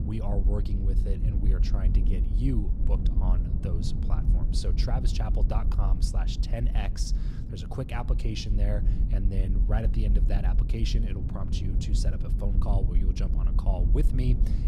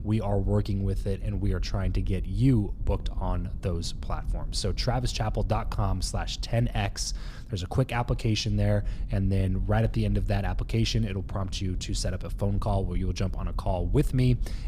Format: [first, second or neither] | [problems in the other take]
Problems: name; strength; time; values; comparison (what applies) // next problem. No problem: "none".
second | low rumble; loud; throughout; 5 dB below the speech; faint in the second